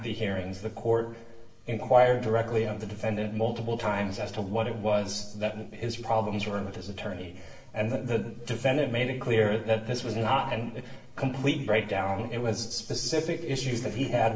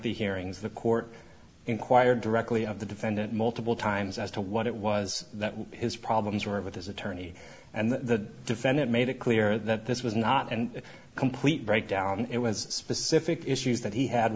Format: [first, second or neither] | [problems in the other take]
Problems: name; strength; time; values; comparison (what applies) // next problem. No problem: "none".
second | noise reduction (neural separator model SepFormer DNS4)